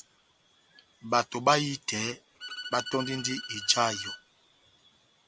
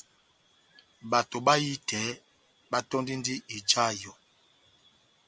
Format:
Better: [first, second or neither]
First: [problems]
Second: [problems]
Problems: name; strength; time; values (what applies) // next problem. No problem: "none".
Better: second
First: background sound (Bowed string instrument); 10 dB below the speech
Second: none